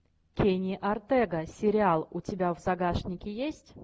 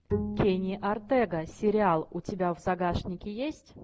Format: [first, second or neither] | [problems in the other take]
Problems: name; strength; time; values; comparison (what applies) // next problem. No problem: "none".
first | background sound (Bowed string instrument); 8 dB below the speech